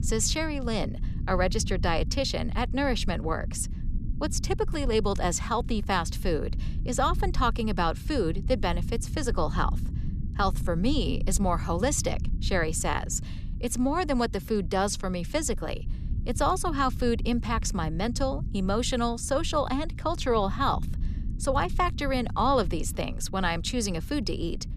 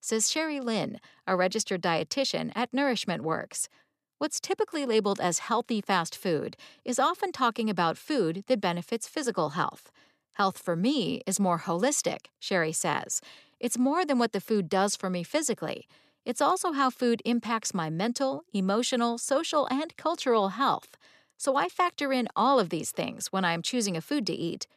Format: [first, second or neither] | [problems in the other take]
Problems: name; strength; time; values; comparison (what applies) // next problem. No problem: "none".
second | low rumble; noticeable; throughout; 20 dB below the speech